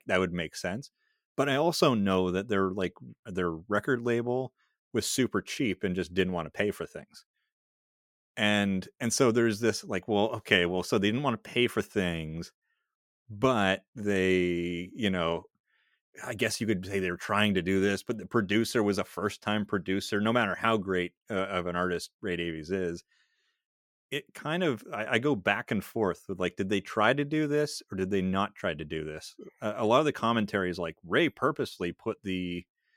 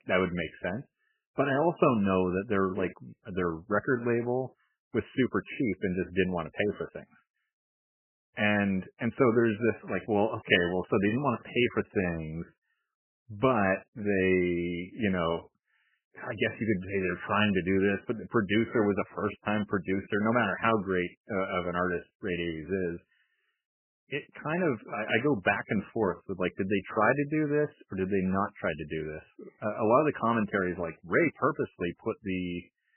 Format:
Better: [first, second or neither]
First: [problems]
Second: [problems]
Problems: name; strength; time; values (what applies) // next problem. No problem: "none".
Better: first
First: none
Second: garbled, watery; badly; nothing above 3 kHz